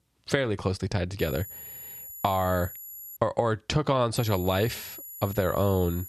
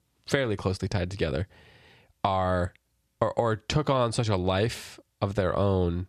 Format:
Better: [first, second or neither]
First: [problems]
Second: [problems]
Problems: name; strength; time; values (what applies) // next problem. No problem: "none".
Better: second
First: high-pitched whine; noticeable; from 1 to 3 s and from 4 s on; 11.5 kHz, 10 dB below the speech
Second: none